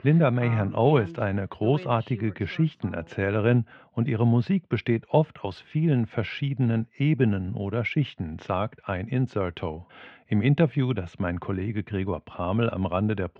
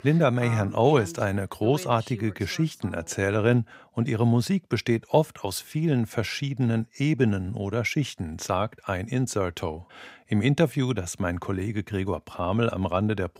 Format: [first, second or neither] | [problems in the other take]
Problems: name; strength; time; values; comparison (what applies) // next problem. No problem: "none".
second | muffled; very; fading above 3 kHz